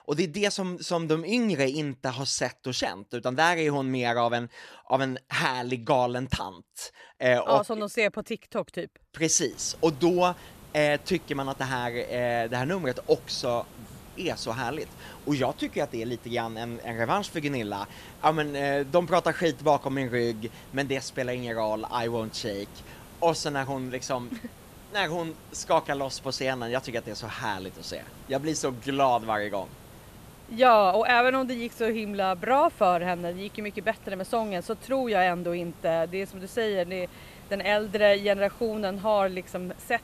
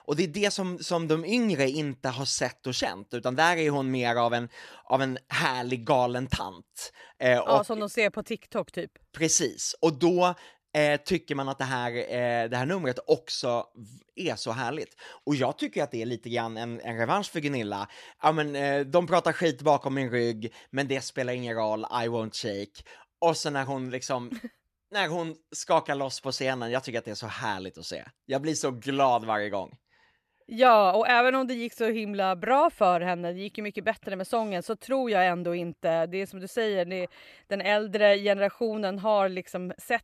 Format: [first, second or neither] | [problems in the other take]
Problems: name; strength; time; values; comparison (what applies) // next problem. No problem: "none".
second | hiss; faint; from 9.5 s on; 20 dB below the speech